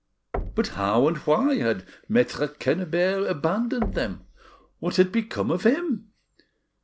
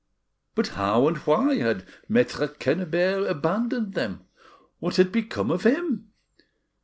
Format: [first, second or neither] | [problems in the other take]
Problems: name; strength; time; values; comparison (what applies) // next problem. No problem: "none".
second | background sound (Knock); 14 dB below the speech